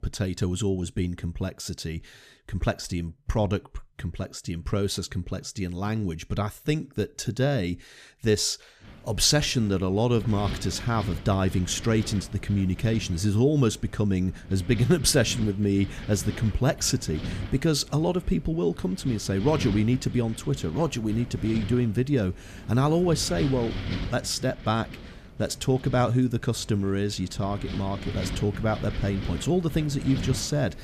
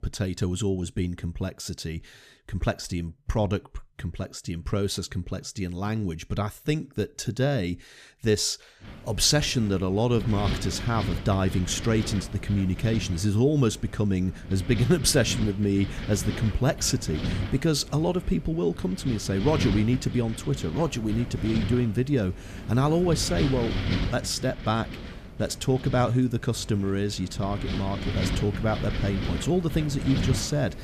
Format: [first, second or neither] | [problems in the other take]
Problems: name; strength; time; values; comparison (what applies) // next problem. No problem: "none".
first | wind noise on the microphone; heavy; from 9 s on; 9 dB below the speech; occasional gusts in the first